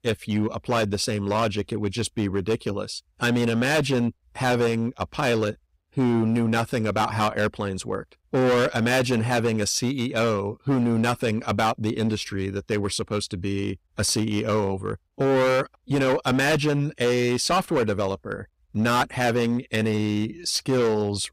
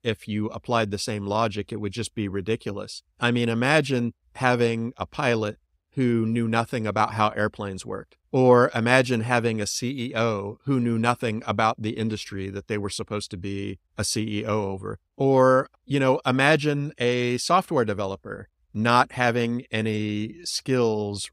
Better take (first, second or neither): second